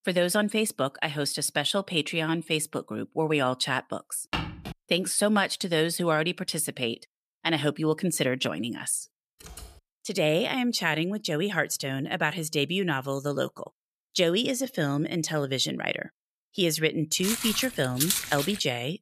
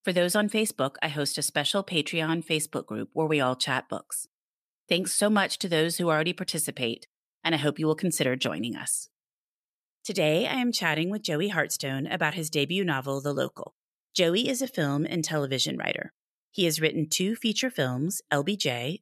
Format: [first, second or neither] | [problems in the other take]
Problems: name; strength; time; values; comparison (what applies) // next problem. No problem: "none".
second | footsteps; noticeable; at 4.5 s; peak 5 dB below the speech // keyboard typing; faint; at 9.5 s; peak 20 dB below the speech // footsteps; loud; from 17 s on; peak 1 dB above the speech